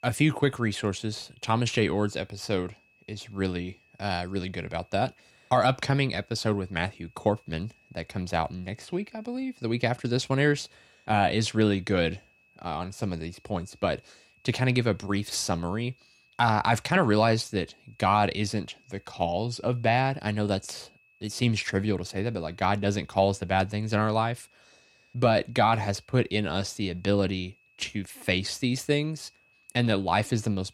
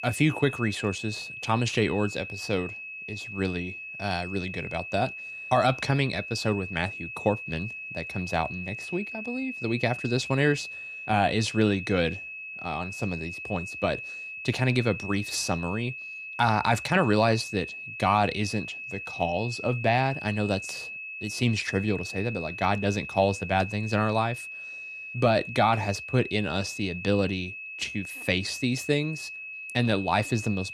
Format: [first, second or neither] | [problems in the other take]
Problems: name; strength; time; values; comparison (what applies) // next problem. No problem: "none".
first | high-pitched whine; loud; throughout; 2.5 kHz, 9 dB below the speech; faint in the first